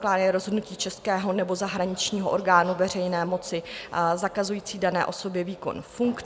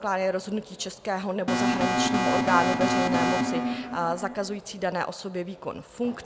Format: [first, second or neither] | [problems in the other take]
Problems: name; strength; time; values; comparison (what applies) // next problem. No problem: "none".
first | background sound (Alarm); 3 dB above the speech